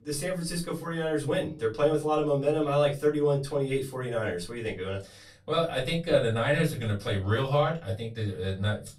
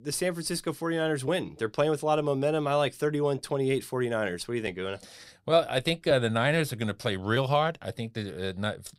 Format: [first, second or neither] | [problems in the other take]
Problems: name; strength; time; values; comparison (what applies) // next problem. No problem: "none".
second | off-mic speech; far // room echo; very slight; dies away in 0.3 s